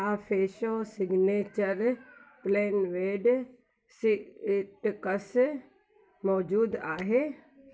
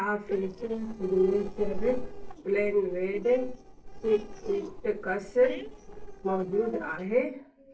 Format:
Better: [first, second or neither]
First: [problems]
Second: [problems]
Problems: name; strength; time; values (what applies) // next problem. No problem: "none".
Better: first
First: none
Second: noise reduction (neural separator model SepFormer DNS4)